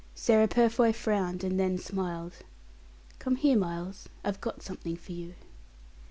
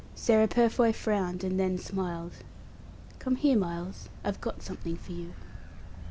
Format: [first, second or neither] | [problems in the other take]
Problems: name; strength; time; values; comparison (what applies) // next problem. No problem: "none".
first | background sound (Motor vehicle (road)); 13 dB below the speech